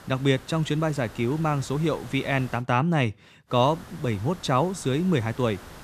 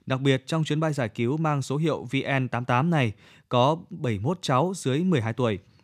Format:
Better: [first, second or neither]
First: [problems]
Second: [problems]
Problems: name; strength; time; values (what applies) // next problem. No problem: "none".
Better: second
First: hiss; noticeable; until 2.5 s and from 3.5 s on; 20 dB below the speech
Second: none